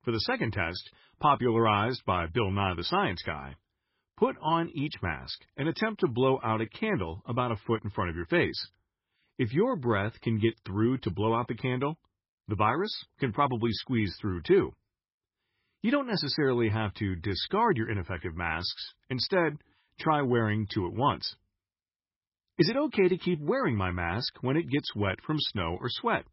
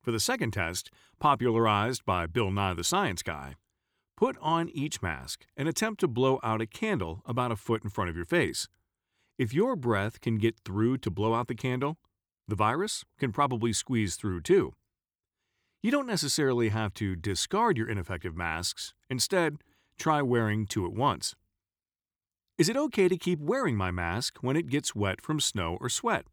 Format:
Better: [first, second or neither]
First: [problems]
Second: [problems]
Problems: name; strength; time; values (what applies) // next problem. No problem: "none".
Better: second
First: garbled, watery; badly; nothing above 5.5 kHz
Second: none